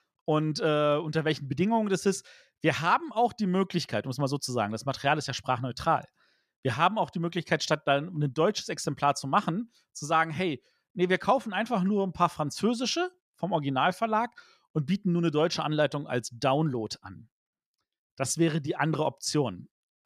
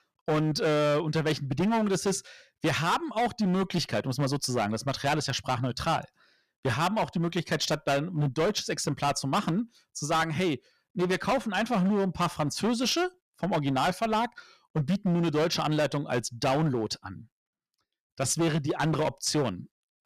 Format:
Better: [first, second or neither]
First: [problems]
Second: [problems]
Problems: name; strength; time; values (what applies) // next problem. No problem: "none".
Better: first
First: none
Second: distortion; heavy; 13% of the sound clipped